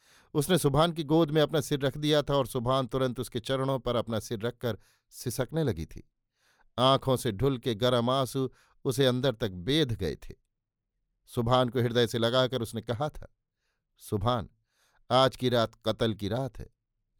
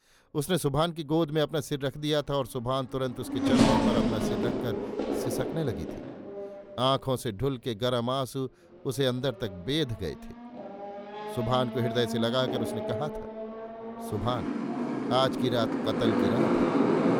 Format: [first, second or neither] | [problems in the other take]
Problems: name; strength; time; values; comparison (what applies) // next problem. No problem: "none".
first | traffic noise; very loud; throughout; as loud as the speech